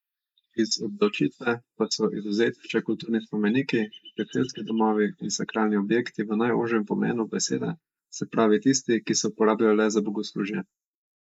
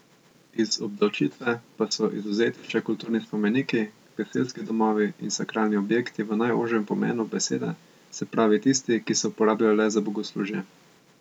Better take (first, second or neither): second